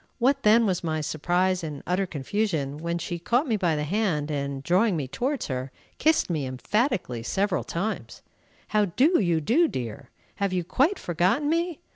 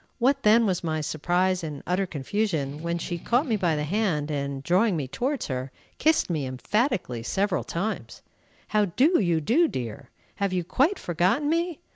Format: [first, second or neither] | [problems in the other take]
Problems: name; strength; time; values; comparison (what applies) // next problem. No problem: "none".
first | background sound (Strum); 17 dB below the speech